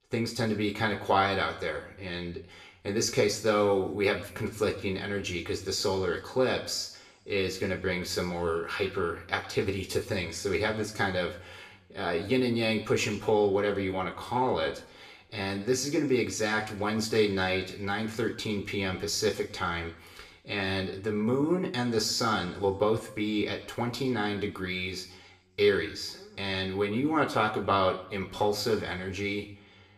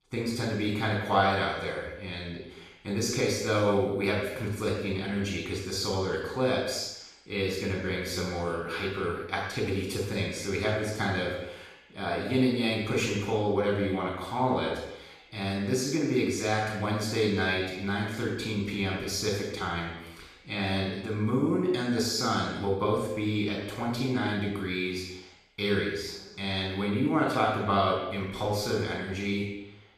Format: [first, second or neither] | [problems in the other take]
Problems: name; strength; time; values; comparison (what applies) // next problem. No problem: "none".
first | room echo; strong; dies away in 0.9 s; slight in the first // off-mic speech; far; somewhat distant in the first